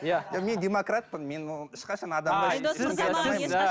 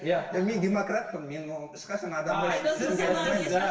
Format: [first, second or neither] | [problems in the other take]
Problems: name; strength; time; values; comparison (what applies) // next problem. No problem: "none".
first | room echo; dies away in 0.9 s